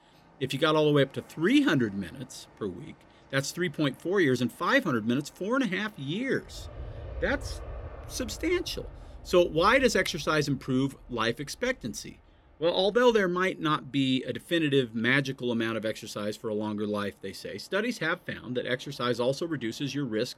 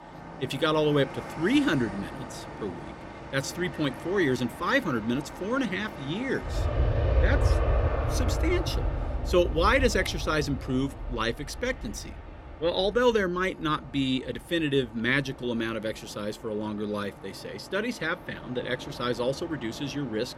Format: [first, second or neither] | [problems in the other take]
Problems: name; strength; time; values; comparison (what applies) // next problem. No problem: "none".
first | train or aircraft noise; loud; throughout; 5 dB below the speech; faint in the first